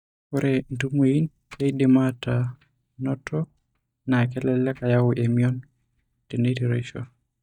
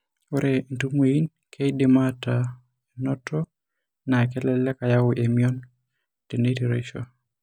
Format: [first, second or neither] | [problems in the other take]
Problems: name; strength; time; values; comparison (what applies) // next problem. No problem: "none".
second | noise reduction (neural mask model DeepFilterNet 3)